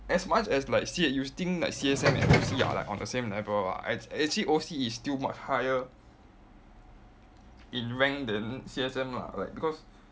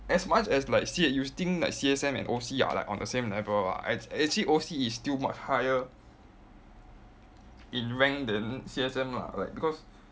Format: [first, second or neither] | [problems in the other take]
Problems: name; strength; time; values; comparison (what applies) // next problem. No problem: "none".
second | background sound (Subway, metro, underground); 3 dB above the speech